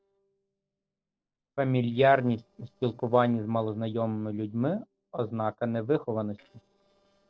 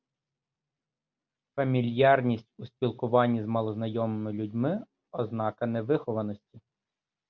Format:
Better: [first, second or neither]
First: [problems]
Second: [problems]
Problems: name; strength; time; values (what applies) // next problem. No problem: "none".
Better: second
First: noise reduction (neural separator model SepFormer DNS4)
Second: none